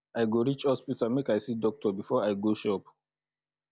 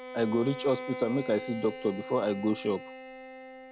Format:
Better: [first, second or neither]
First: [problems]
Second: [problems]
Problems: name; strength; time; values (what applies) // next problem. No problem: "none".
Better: first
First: none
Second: background sound (Bowed string instrument); 11 dB below the speech